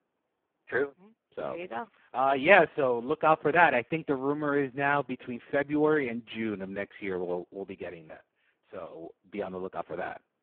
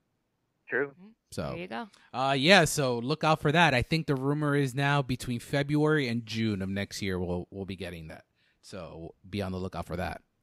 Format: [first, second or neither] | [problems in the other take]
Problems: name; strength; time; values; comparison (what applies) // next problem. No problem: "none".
second | phone-call audio; poor line